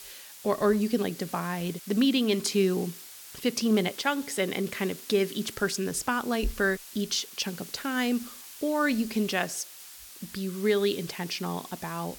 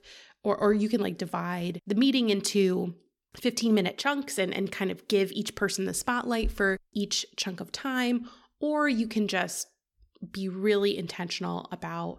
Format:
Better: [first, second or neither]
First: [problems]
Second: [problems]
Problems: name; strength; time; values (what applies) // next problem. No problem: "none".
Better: second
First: hiss; noticeable; throughout; 15 dB below the speech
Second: none